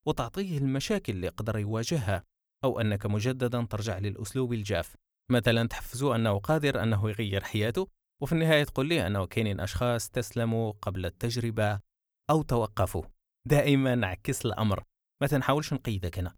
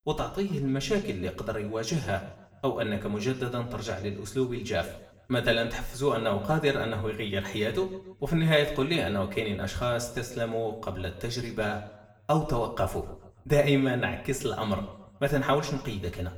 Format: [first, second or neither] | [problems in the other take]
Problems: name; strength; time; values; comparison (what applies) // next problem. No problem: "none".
first | room echo; slight; dies away in 0.7 s // off-mic speech; somewhat distant